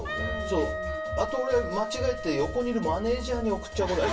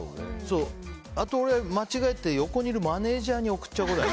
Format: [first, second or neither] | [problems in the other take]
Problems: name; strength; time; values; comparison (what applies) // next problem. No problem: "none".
second | background sound (Wind instrument, woodwind instrument); 8 dB below the speech // room echo; dies away in 0.3 s